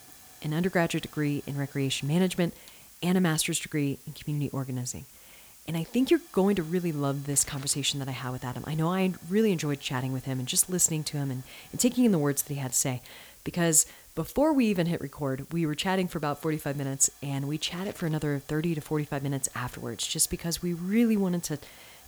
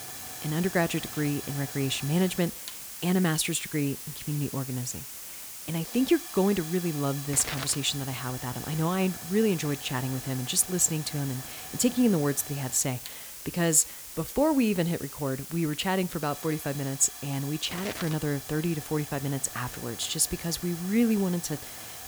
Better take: first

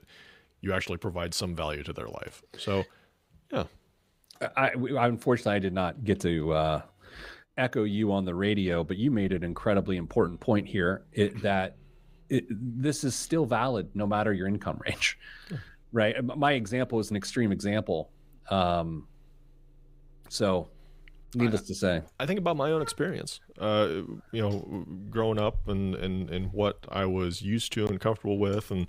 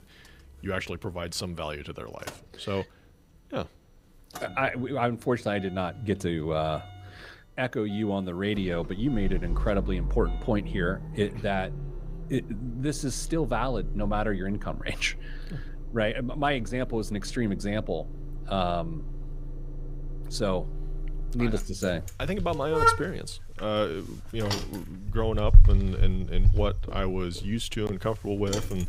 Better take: first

